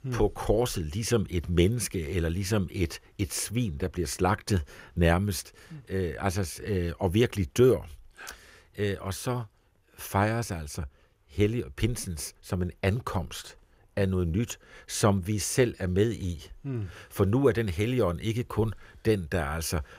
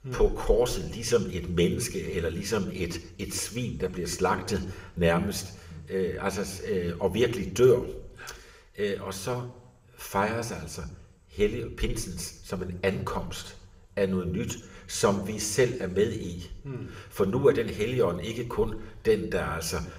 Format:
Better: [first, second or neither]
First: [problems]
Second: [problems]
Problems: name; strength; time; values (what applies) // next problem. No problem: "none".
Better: first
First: none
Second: room echo; very slight; dies away in 0.6 s